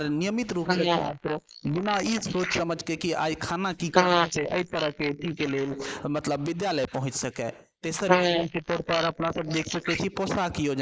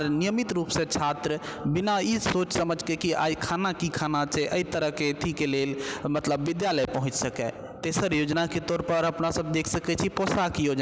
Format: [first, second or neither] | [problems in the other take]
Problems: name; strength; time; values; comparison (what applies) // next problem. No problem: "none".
second | noise reduction (neural mask model Resemble Enhance denoiser)